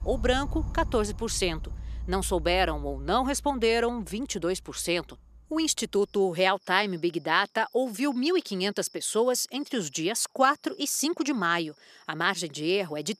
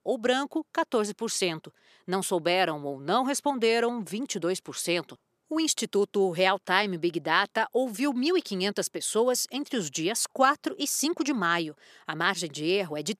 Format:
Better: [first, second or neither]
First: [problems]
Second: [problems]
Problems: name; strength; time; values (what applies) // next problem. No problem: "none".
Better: second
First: animal sounds; noticeable; throughout; 10 dB below the speech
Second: none